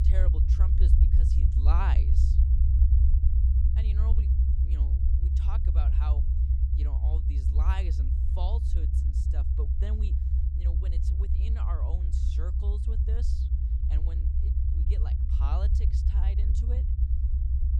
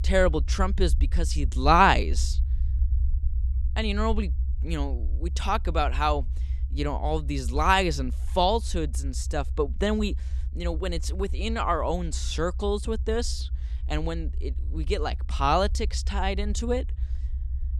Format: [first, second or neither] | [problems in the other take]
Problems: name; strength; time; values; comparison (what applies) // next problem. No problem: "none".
second | low rumble; loud; throughout; as loud as the speech; faint in the second